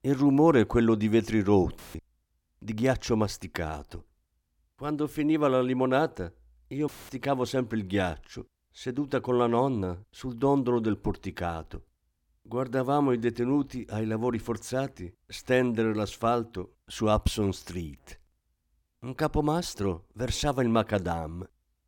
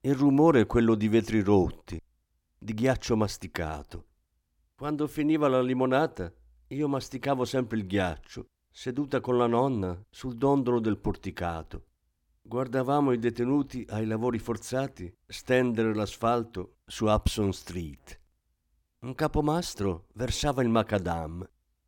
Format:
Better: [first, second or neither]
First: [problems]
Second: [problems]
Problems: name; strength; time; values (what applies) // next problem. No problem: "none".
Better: second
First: audio cutting out; filled with static; at 2 s and at 7 s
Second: none